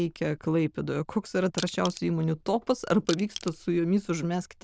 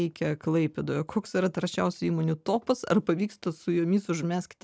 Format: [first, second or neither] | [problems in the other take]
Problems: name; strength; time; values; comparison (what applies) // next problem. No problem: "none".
second | noise reduction (neural diffusion model UNIVERSE++)